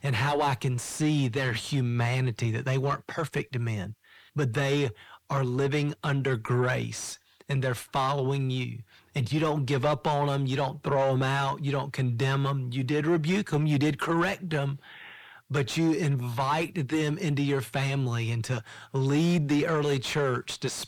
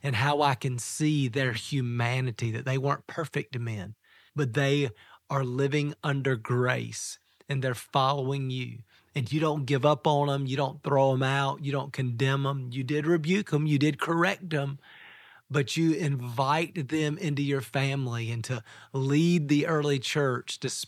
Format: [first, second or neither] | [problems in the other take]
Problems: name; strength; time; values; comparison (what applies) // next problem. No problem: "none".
second | distortion; slight; 10 dB below the speech